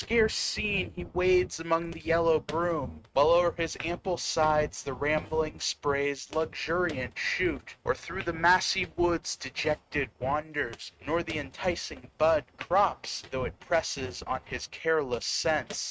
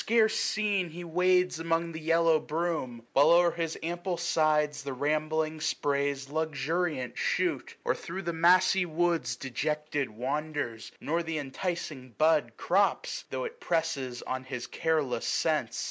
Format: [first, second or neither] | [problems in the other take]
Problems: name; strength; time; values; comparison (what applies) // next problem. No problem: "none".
second | noise reduction (neural mask model RNNoise)